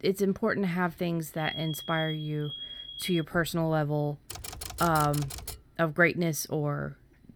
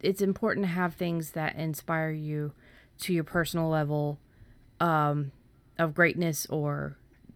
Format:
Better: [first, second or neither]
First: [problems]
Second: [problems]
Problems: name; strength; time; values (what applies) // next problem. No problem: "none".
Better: second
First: alarm; noticeable; from 1.5 to 3 s; peak 8 dB below the speech // keyboard typing; noticeable; from 4.5 to 5.5 s; peak 7 dB below the speech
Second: none